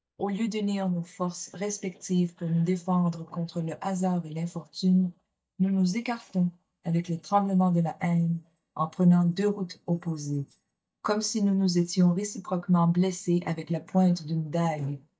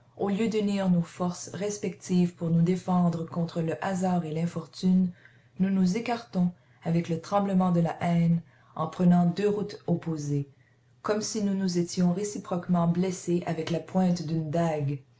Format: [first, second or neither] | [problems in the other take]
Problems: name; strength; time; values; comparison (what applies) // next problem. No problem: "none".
second | noise reduction (neural mask model DeepFilterNet 3)